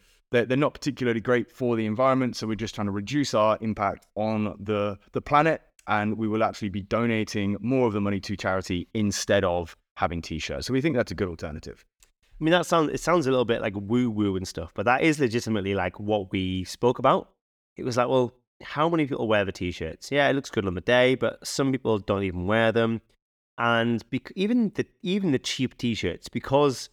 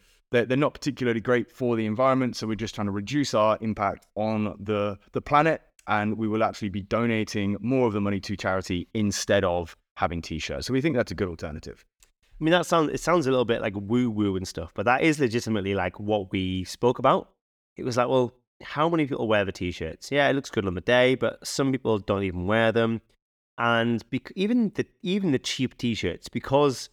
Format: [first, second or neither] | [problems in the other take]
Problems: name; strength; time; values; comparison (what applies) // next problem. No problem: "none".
neither | none